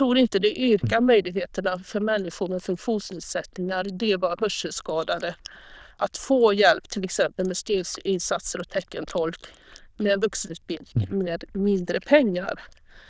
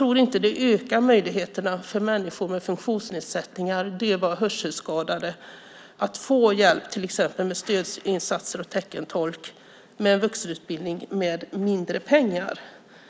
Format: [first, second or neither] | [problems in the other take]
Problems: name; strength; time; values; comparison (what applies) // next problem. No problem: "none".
second | noise reduction (neural diffusion model UNIVERSE++)